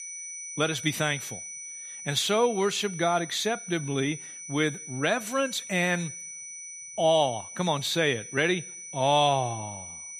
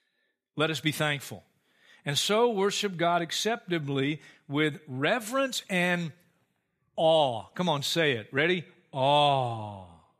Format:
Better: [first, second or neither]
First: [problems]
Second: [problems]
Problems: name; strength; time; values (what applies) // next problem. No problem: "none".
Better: second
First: high-pitched whine; noticeable; throughout; 6 kHz, 10 dB below the speech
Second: none